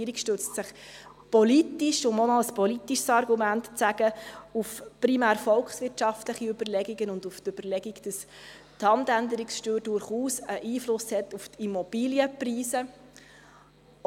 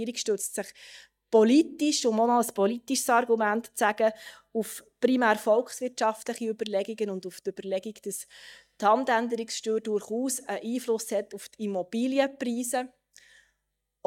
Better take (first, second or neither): first